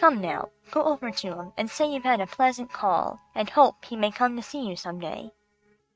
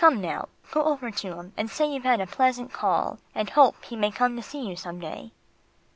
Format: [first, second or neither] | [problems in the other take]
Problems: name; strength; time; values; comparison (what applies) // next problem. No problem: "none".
second | noise reduction (neural mask model RNNoise)